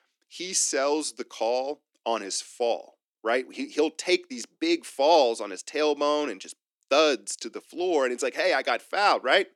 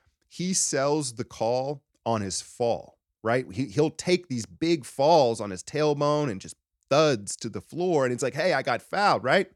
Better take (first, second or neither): second